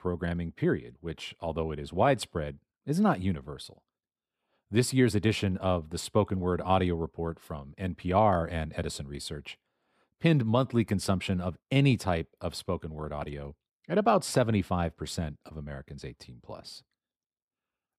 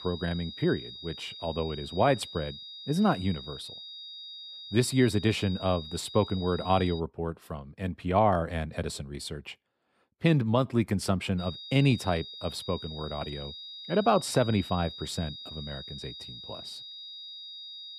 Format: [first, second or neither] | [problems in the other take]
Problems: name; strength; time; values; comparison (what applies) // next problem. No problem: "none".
first | high-pitched whine; noticeable; until 7 s and from 11 s on; 4 kHz, 10 dB below the speech